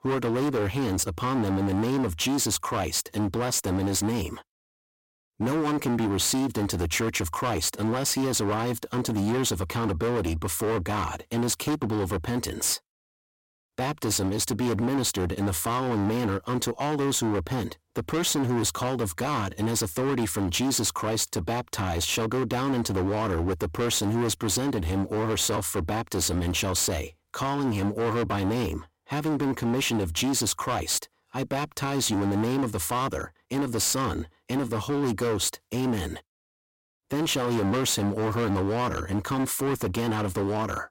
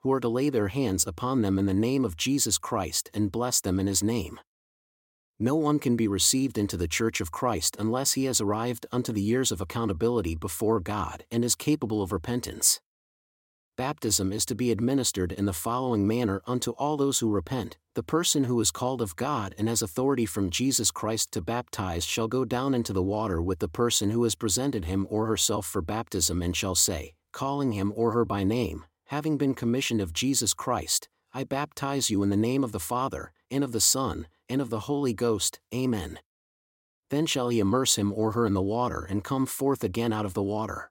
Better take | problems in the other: second | distortion; heavy; 26% of the sound clipped

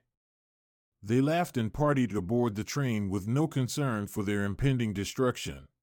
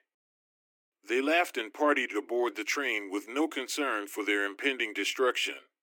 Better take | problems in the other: first | thin; somewhat; fading below 300 Hz

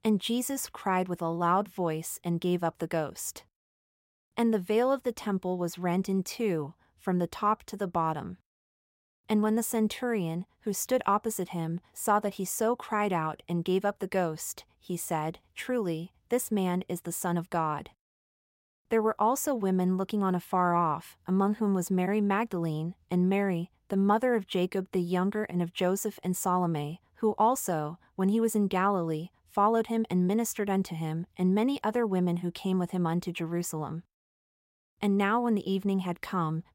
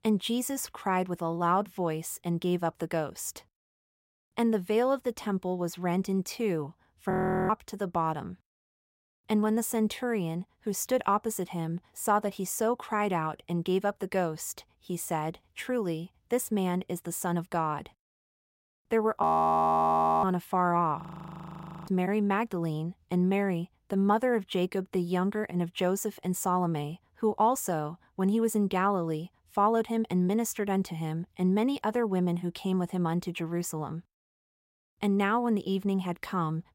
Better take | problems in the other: first | audio freezing; at 7 s, at 19 s for 1 s and at 21 s for 1 s

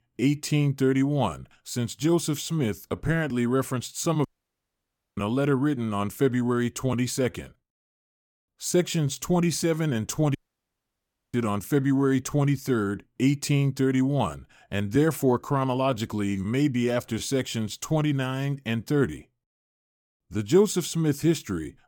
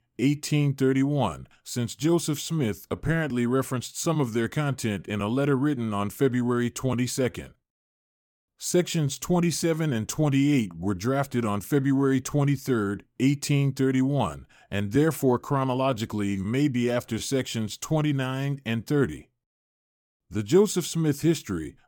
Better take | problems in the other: second | audio cutting out; at 4.5 s for 1 s and at 10 s for 1 s

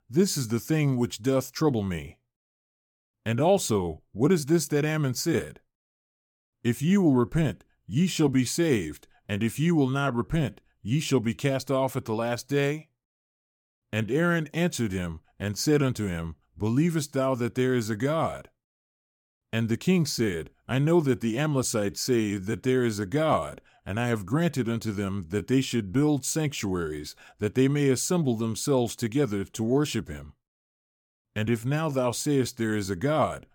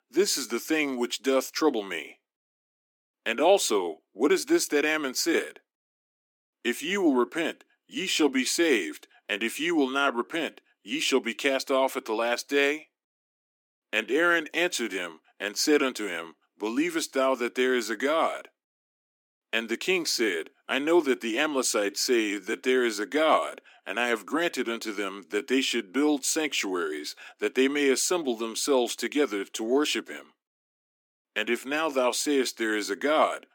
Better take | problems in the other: first | thin; somewhat; fading below 250 Hz

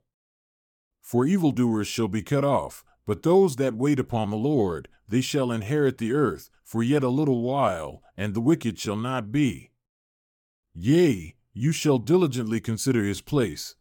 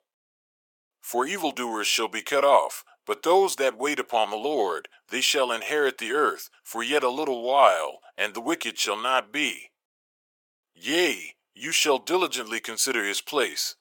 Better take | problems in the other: first | thin; very; fading below 550 Hz

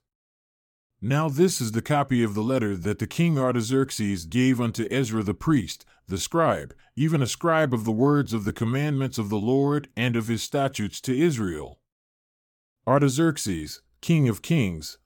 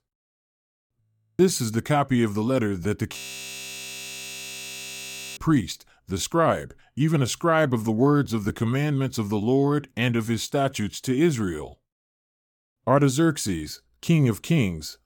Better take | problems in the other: first | audio freezing; at 1 s and at 3 s for 2 s

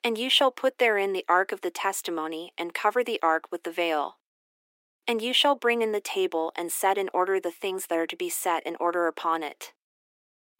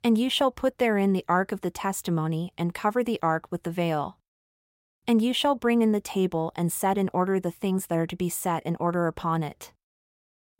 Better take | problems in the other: second | thin; very; fading below 300 Hz

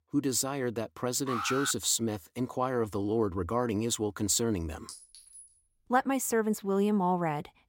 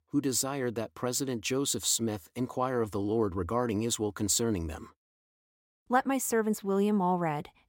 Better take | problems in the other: second | alarm; noticeable; at 1.5 s; peak 3 dB below the speech // clattering dishes; faint; at 5 s; peak 15 dB below the speech

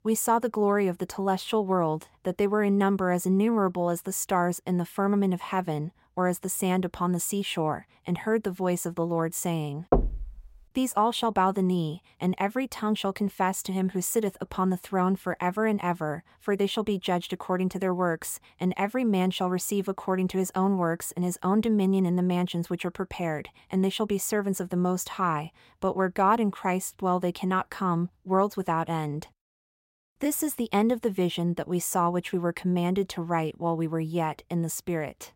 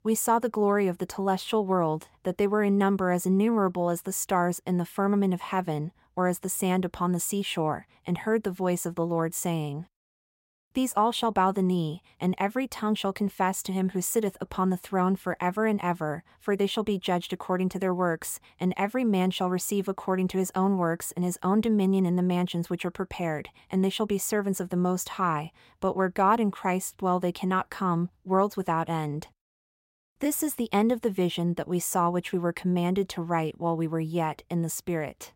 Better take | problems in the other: second | door banging; loud; at 10 s; peak 1 dB above the speech

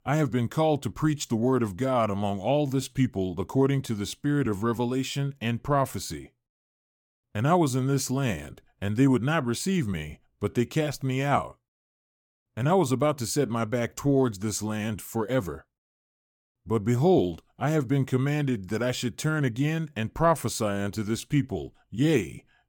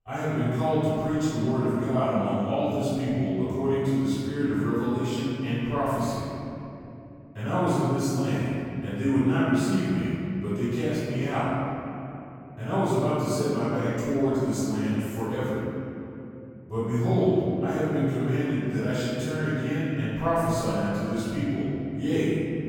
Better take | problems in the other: first | room echo; strong; dies away in 2.9 s // off-mic speech; far

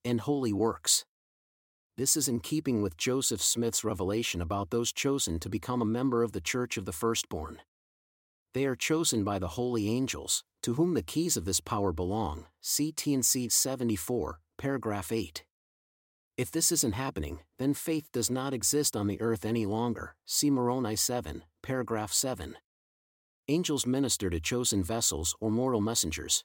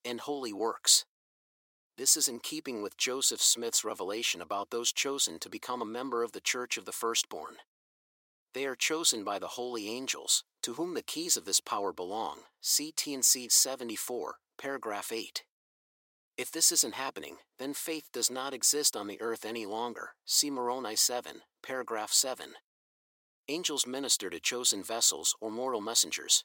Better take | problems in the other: first | thin; somewhat; fading below 500 Hz

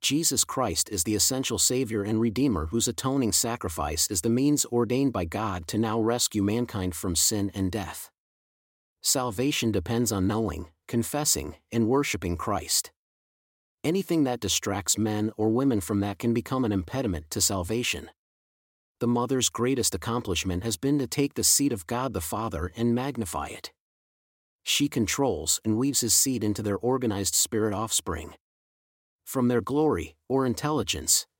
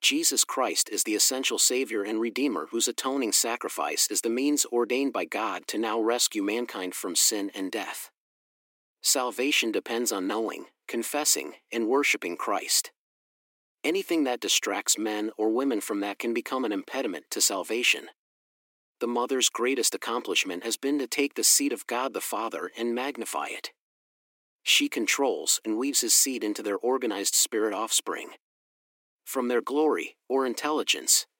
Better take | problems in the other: first | thin; very slightly; fading below 300 Hz

